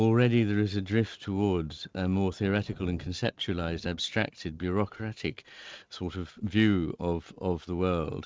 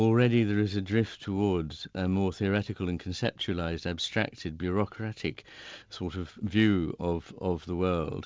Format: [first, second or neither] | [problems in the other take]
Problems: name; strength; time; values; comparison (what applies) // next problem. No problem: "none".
second | noise reduction (neural mask model RNNoise)